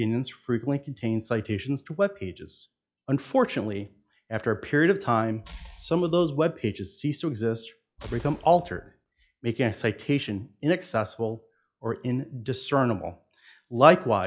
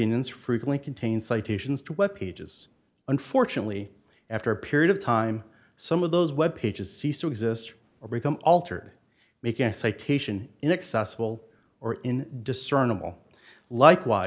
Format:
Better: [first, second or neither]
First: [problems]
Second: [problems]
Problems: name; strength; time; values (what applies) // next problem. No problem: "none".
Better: second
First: noise reduction (classical method log-MMSE)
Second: none